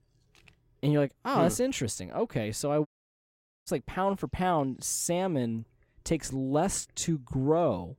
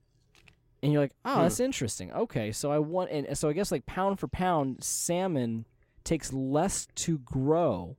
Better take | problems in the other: second | audio cutting out; at 3 s for 1 s

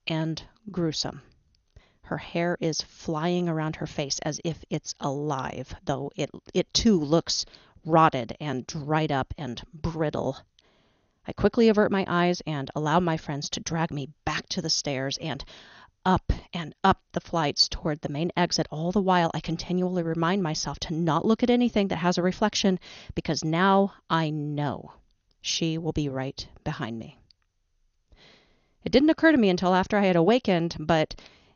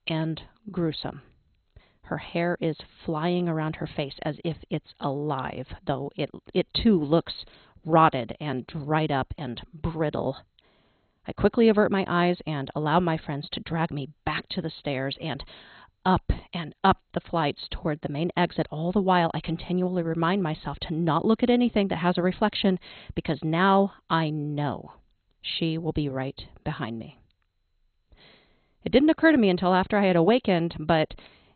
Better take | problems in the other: first | garbled, watery; badly; nothing above 4 kHz; slightly in the first

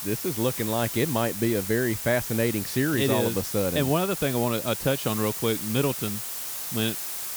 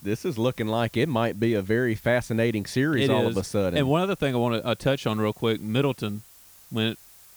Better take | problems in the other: second | hiss; loud; throughout; 3 dB below the speech; faint in the second

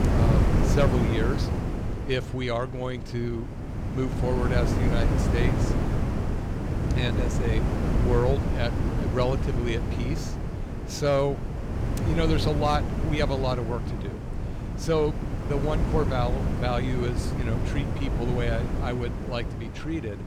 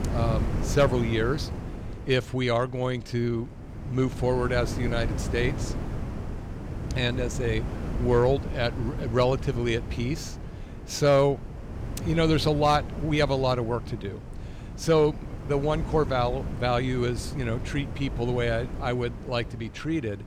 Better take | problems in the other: second | wind noise on the microphone; heavy; 4 dB below the speech; occasional gusts in the second

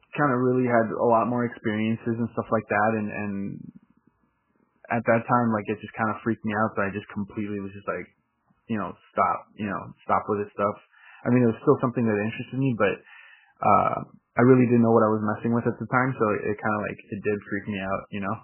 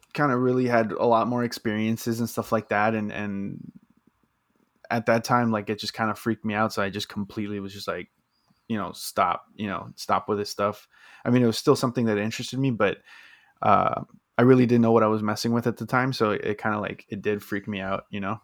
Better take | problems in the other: second | garbled, watery; badly; nothing above 2.5 kHz

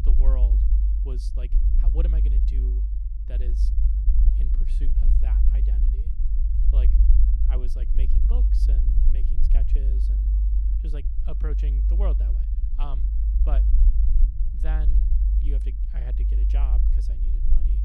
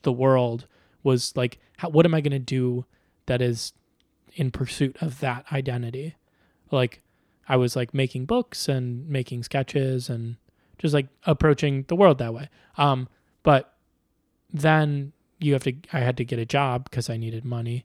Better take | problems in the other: second | low rumble; loud; throughout; 1 dB below the speech

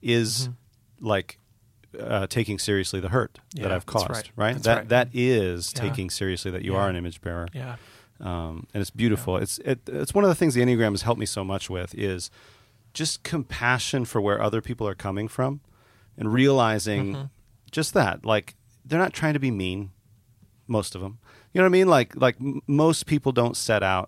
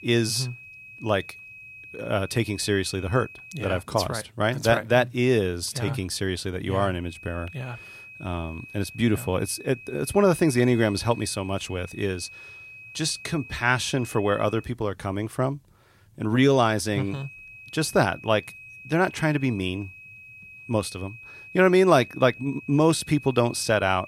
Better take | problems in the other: first | high-pitched whine; noticeable; until 4 s, from 7 to 15 s and from 17 s on; 2.5 kHz, 15 dB below the speech

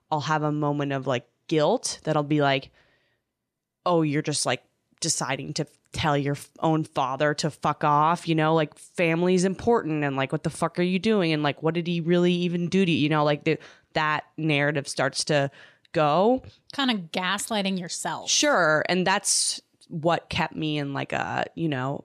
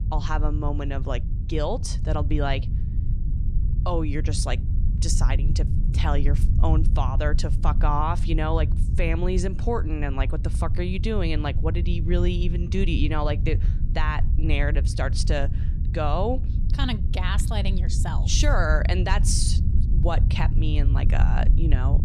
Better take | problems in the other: first | low rumble; noticeable; throughout; 10 dB below the speech

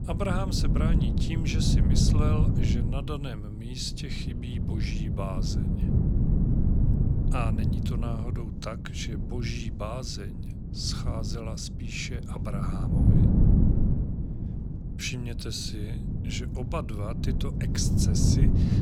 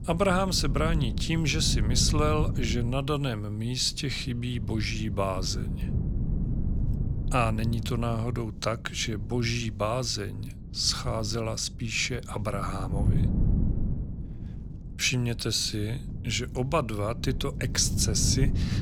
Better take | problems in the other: second | wind noise on the microphone; heavy; 2 dB below the speech; occasional gusts in the second

